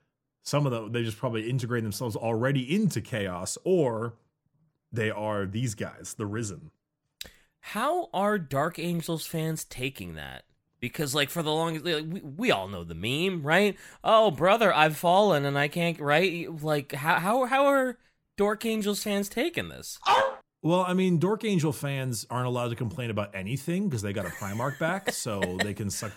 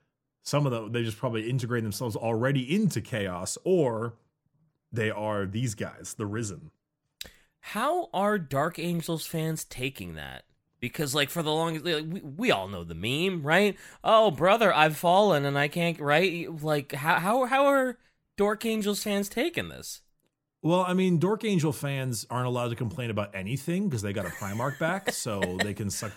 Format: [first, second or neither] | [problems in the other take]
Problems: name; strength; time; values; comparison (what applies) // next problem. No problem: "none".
second | dog barking; loud; at 20 s; peak 4 dB above the speech